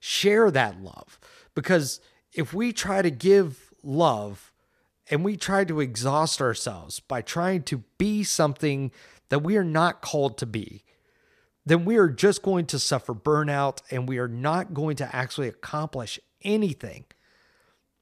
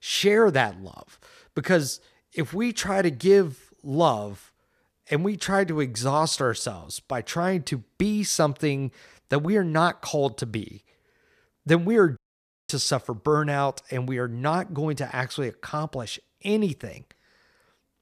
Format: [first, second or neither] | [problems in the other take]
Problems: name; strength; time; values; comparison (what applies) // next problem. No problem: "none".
first | audio cutting out; at 12 s for 0.5 s